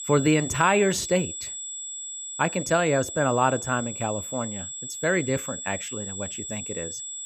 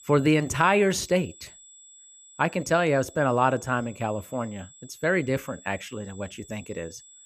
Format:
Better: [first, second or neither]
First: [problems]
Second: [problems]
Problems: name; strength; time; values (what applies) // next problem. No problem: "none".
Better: second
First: high-pitched whine; loud; throughout; 7.5 kHz, 7 dB below the speech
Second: high-pitched whine; faint; throughout; 7.5 kHz, 20 dB below the speech